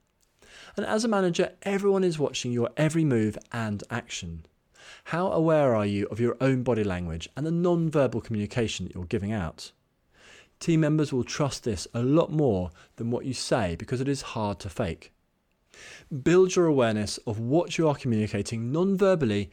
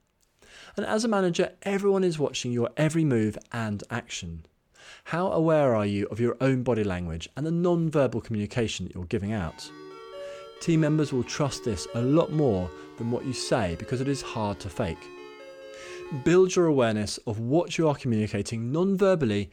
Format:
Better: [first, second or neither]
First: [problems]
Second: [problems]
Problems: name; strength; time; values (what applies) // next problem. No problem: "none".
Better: first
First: none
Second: phone ringing; faint; from 9.5 to 16 s; peak 15 dB below the speech